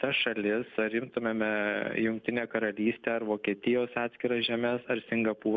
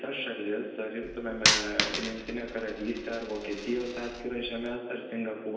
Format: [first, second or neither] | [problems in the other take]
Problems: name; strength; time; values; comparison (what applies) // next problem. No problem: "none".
first | background sound (Coin (dropping)); 1 dB above the speech // room echo; dies away in 0.9 s